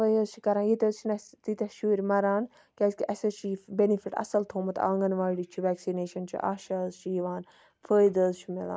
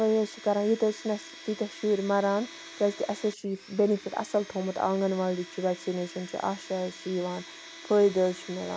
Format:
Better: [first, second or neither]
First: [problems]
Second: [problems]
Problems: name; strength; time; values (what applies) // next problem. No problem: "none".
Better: first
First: none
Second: background sound (Domestic sounds, home sounds); 17 dB below the speech